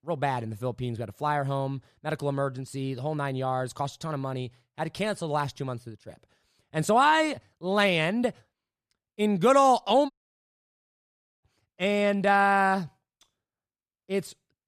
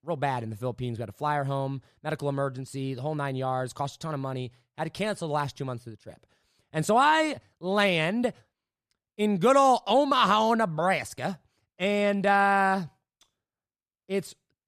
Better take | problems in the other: second | audio cutting out; at 10 s for 1.5 s

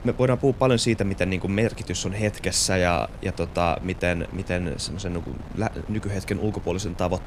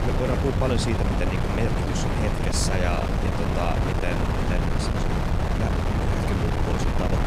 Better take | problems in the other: first | wind noise on the microphone; heavy; 2 dB above the speech; occasional gusts in the first

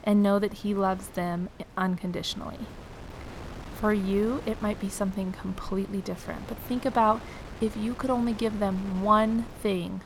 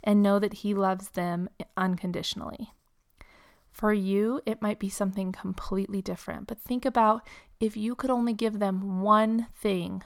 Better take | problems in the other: second | wind noise on the microphone; occasional gusts; 15 dB below the speech

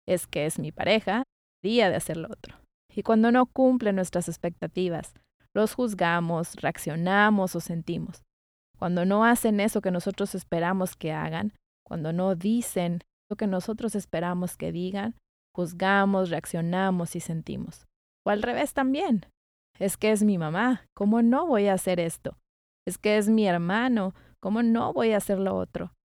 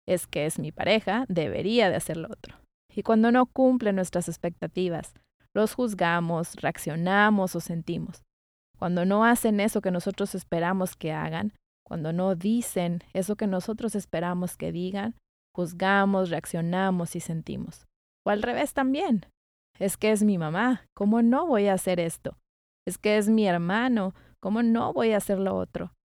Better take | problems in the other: second | audio cutting out; at 1 s and at 13 s

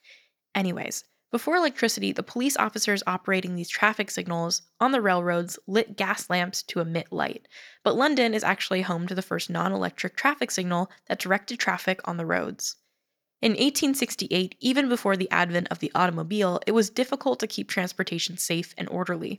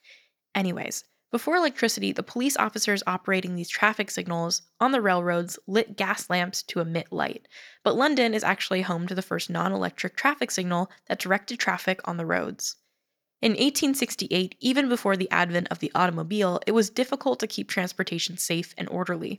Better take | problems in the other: neither | none

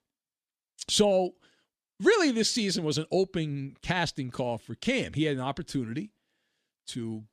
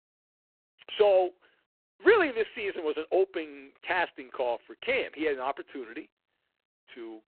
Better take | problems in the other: first | phone-call audio; poor line

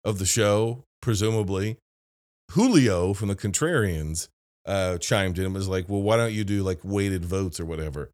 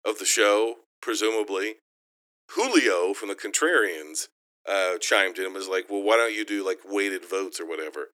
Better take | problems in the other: first | thin; very; fading below 300 Hz

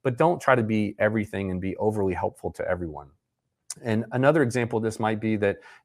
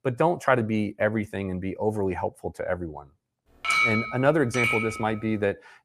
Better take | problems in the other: first | clattering dishes; loud; from 3.5 to 5 s; peak 5 dB above the speech

